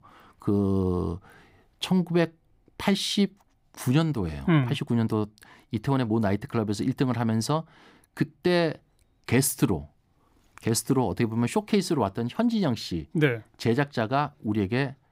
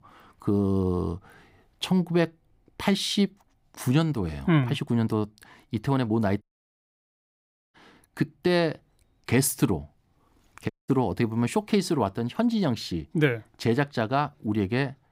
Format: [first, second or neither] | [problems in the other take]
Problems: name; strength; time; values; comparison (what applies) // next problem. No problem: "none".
first | audio cutting out; at 6.5 s for 1.5 s and at 11 s